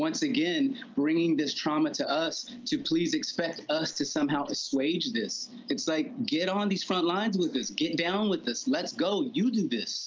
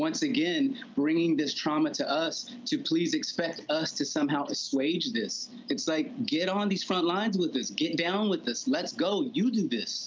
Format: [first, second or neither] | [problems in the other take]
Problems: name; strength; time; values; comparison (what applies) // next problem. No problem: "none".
second | noise reduction (neural mask model Resemble Enhance denoiser)